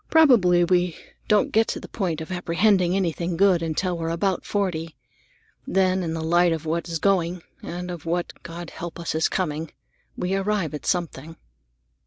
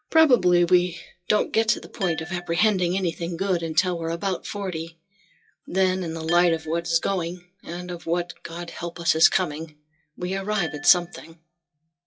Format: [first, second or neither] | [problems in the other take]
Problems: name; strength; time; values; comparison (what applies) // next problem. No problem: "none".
first | noise reduction (classical method WPE with log-MMSE)